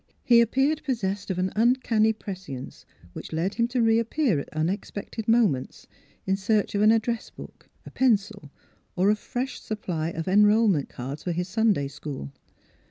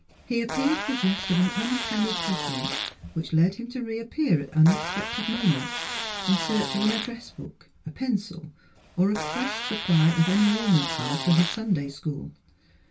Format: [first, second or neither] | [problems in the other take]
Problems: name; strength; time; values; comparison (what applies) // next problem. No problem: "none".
first | background sound (Fart); 6 dB below the speech // room echo; dies away in 0.1 s